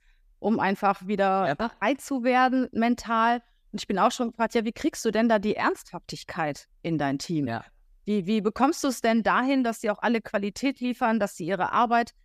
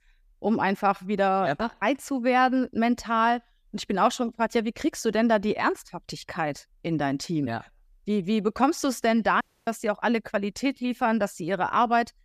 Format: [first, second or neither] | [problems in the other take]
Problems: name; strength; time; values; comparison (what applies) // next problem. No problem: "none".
first | audio cutting out; at 9.5 s